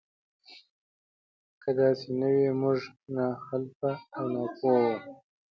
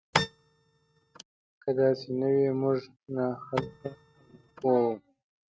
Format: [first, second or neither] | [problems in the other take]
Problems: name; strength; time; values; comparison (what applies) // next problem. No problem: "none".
first | noise reduction (neural mask model RNNoise)